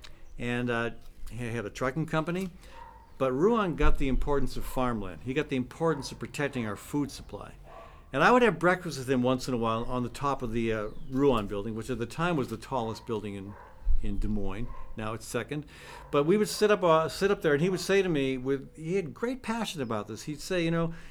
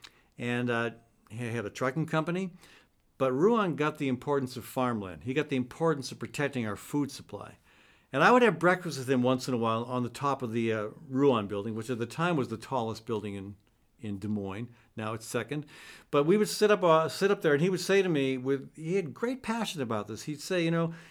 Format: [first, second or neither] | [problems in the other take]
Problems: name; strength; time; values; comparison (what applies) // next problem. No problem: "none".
second | animal sounds; noticeable; throughout; 15 dB below the speech